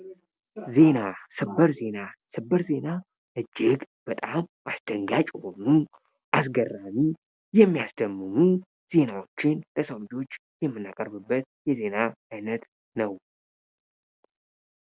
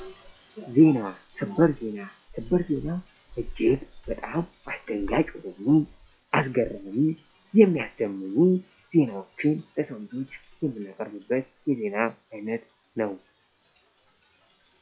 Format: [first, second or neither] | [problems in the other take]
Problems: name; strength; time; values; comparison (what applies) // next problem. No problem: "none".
first | noise reduction (classical method log-MMSE)